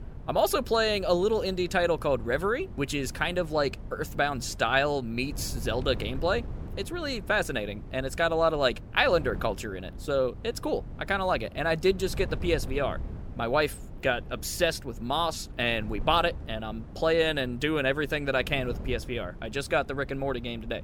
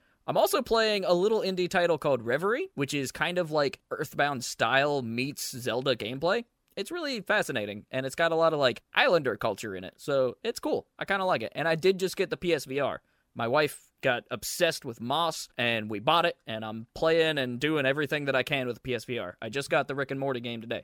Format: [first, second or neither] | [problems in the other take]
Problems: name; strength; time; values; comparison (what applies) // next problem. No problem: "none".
second | wind noise on the microphone; occasional gusts; 25 dB below the speech